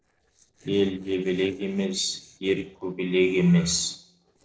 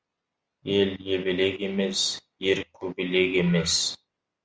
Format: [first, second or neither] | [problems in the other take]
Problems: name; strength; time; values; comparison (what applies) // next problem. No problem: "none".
second | noise reduction (neural separator model SepFormer DNS4)